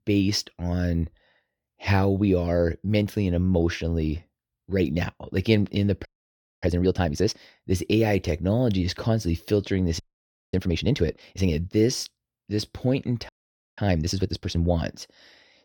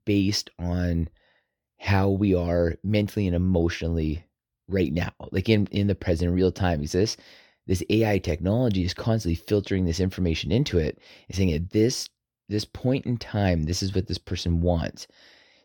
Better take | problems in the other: second | audio freezing; at 6 s for 0.5 s, at 10 s for 0.5 s and at 13 s

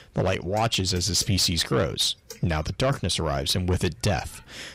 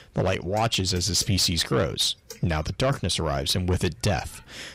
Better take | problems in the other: neither | distortion; slight; 10 dB below the speech; the same in both

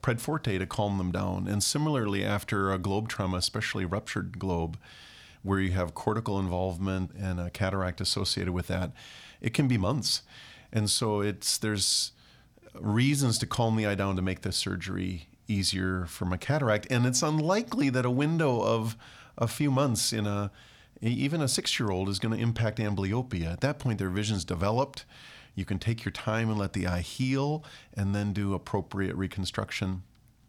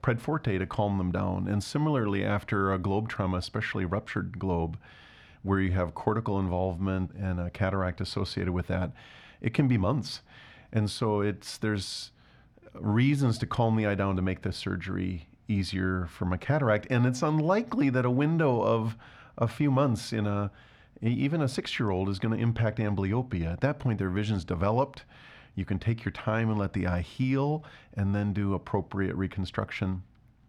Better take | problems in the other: first | muffled; slightly; fading above 4 kHz

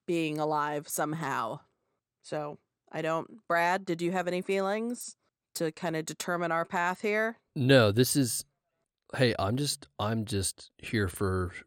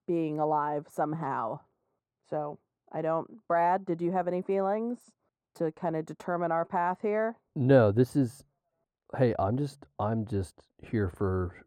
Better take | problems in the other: first | muffled; very; fading above 2 kHz

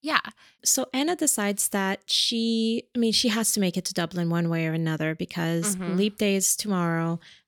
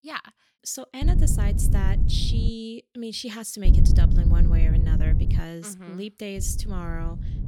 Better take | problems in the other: first | wind noise on the microphone; heavy; from 1 to 2.5 s, from 3.5 to 5.5 s and from 6.5 s on; 4 dB below the speech

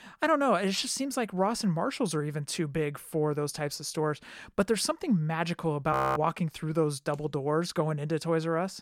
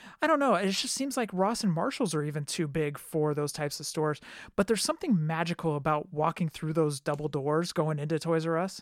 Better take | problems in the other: second | audio freezing; at 6 s

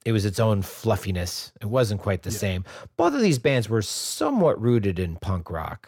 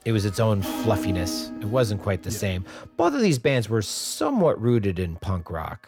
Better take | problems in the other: first | background music; loud; throughout; 8 dB below the speech

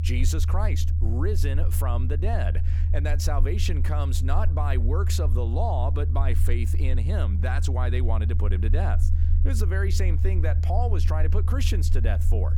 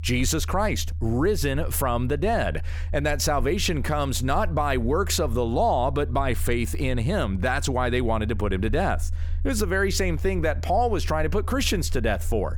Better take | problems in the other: second | low rumble; loud; throughout; 8 dB below the speech; faint in the second

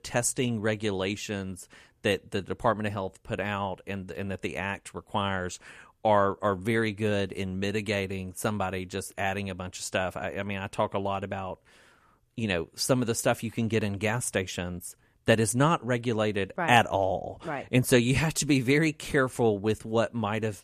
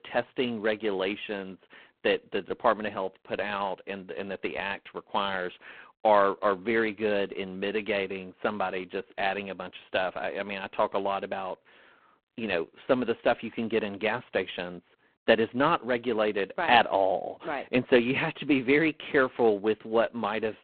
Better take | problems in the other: first | phone-call audio; poor line; nothing above 4 kHz

